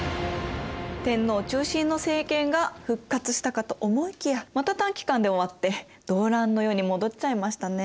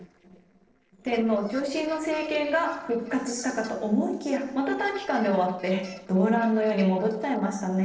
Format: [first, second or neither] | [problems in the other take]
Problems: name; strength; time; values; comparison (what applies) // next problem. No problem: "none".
first | noise reduction (neural separator model SepFormer DNS4)